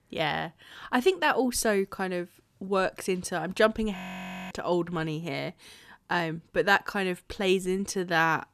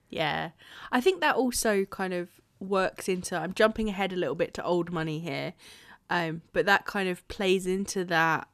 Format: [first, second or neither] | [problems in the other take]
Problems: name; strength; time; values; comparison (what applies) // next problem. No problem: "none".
second | audio freezing; at 4 s for 0.5 s